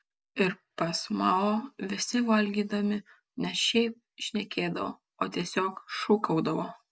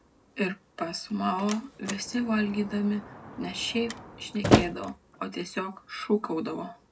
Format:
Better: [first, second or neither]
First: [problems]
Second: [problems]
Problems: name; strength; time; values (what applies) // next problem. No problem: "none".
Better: first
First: none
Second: background sound (Slam); 2 dB below the speech // room echo; dies away in 0.2 s